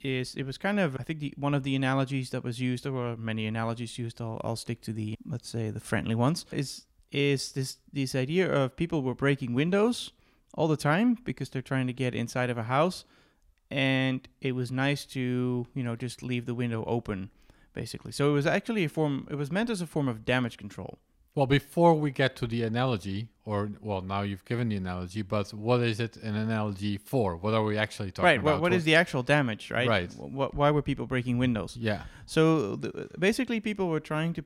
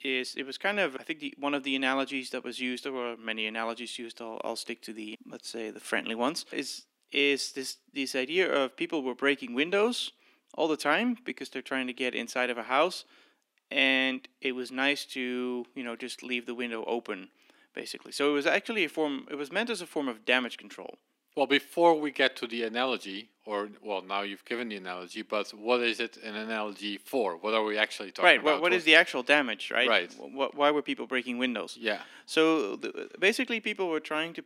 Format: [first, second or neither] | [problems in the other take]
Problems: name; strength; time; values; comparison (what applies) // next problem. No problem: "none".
first | thin; somewhat; fading below 250 Hz